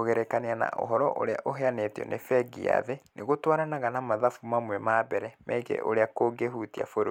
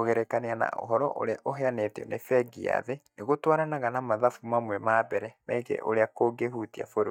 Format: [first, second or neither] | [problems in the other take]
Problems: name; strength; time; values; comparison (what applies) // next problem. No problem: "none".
first | noise reduction (neural mask model DeepFilterNet 3)